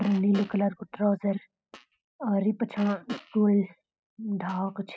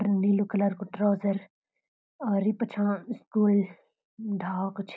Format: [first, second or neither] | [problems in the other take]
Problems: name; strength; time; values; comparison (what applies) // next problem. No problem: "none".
second | noise reduction (classical method spectral subtraction)